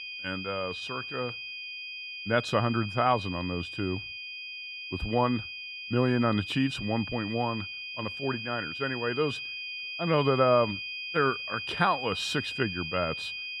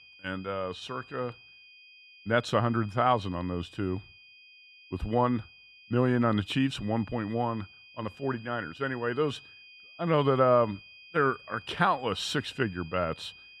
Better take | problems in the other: second | high-pitched whine; loud; throughout; 2.5 kHz, 6 dB below the speech; faint in the second

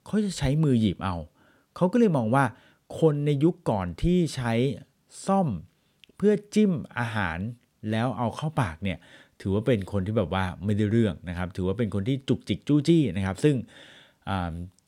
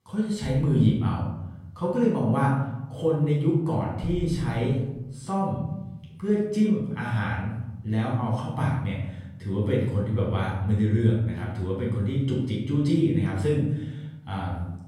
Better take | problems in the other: first | off-mic speech; far // room echo; noticeable; dies away in 1.2 s

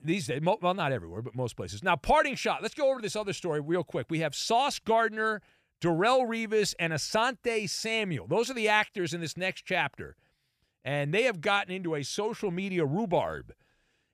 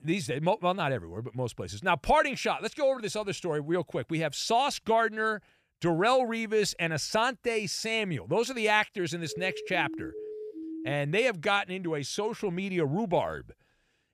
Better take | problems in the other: first | siren; faint; from 9.5 to 11 s; peak 10 dB below the speech

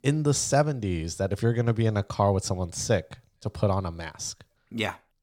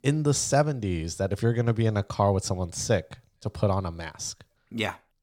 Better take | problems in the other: neither | none

